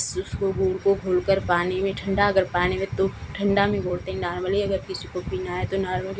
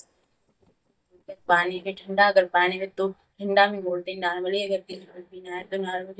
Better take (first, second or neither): first